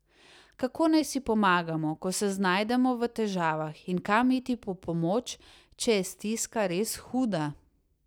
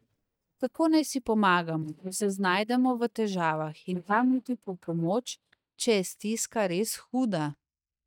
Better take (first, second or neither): first